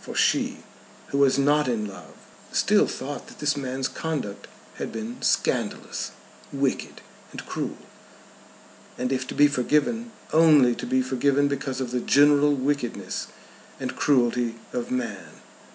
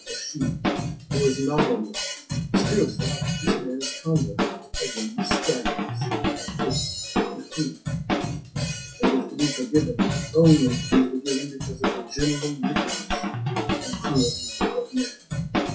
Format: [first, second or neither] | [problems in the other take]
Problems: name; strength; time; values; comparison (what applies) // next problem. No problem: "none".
first | noise reduction (classical method WPE with log-MMSE)